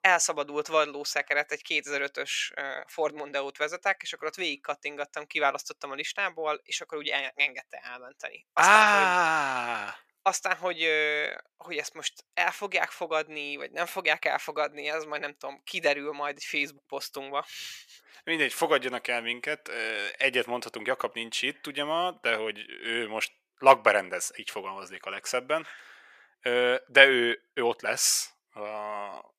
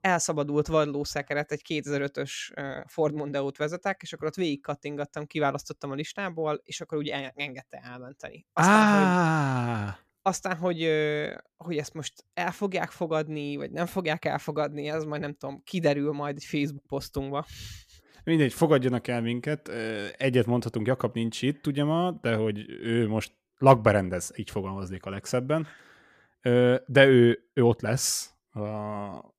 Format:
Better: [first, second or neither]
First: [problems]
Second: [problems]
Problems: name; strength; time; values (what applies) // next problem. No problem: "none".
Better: second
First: thin; very; fading below 650 Hz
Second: none